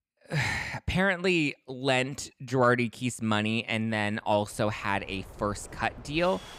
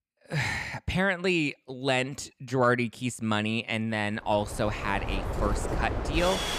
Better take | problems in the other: first | train or aircraft noise; loud; from 4.5 s on; 4 dB below the speech; faint in the first

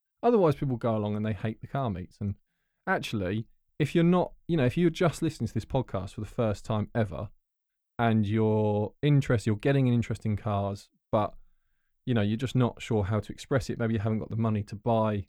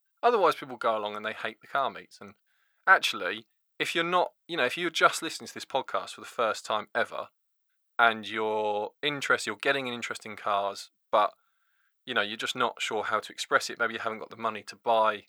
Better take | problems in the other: first | thin; very; fading below 750 Hz

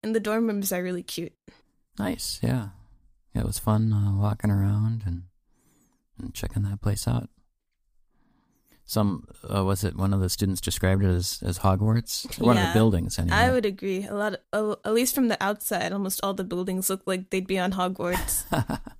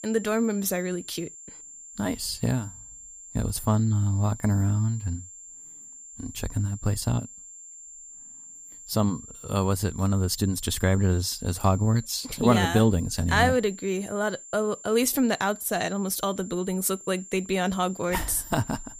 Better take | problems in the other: first | high-pitched whine; noticeable; throughout; 7.5 kHz, 15 dB below the speech

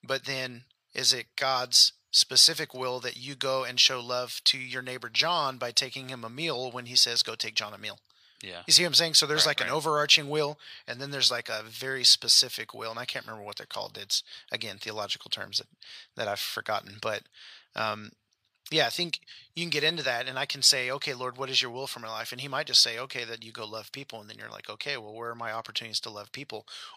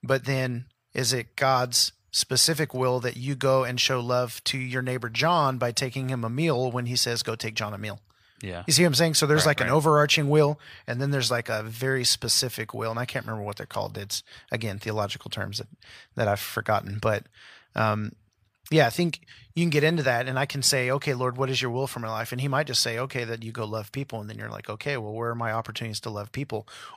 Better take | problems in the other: second | thin; somewhat; fading below 900 Hz

